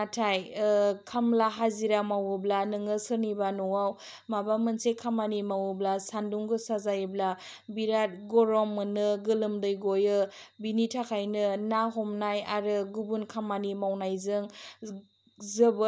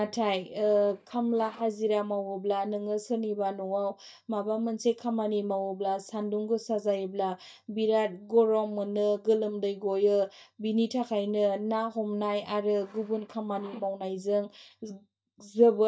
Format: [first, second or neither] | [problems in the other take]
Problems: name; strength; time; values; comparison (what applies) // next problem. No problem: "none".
first | noise reduction (neural mask model DeepFilterNet 3)